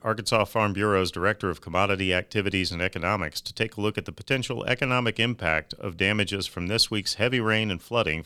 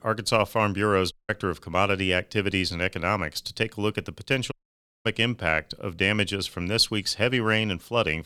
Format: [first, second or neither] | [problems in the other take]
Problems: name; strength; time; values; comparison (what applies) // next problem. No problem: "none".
first | audio cutting out; at 1 s and at 4.5 s for 0.5 s